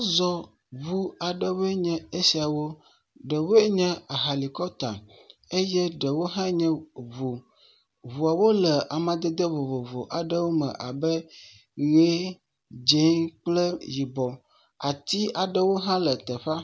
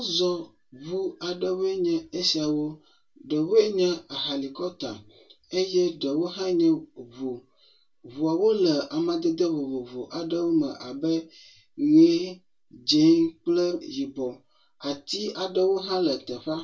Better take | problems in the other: first | room echo; dies away in 0.2 s

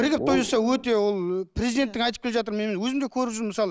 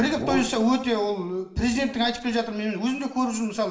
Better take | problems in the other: first | room echo; dies away in 0.8 s

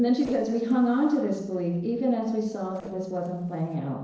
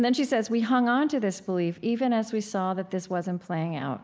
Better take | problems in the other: second | noise reduction (neural separator model SepFormer DNS4)

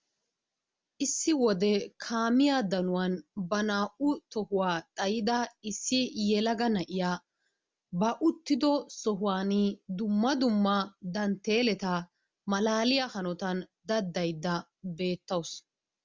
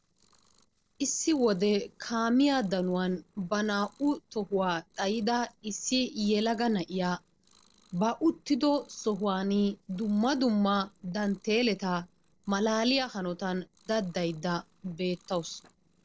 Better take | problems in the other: first | noise reduction (neural separator model SepFormer DNS4)

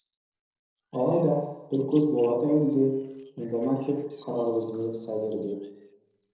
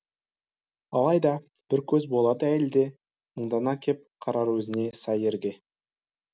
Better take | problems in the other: second | noise reduction (neural separator model SepFormer DNS4)

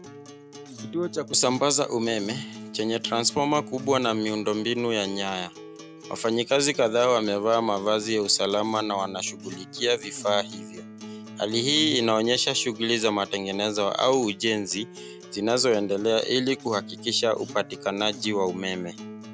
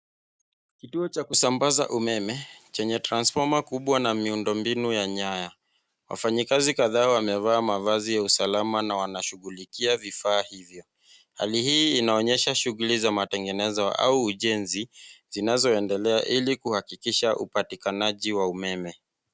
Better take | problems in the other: second | background sound (Acoustic guitar); 16 dB below the speech

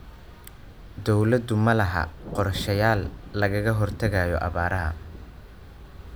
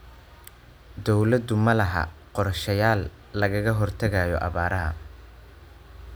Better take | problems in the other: second | background sound (Thunder); 16 dB below the speech

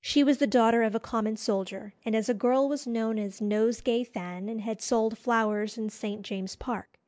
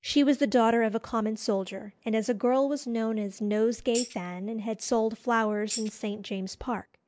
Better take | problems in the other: first | background sound (Tambourine); 11 dB below the speech

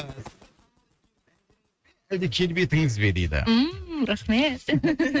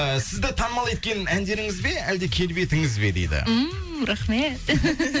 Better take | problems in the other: second | noise reduction (neural mask model RNNoise)

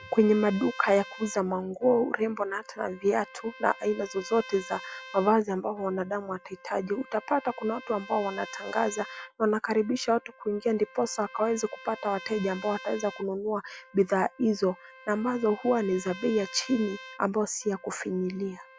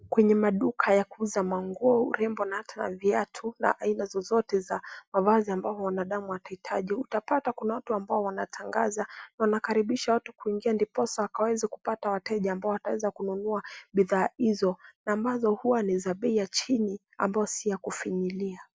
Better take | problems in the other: second | background sound (Trumpet); 19 dB below the speech

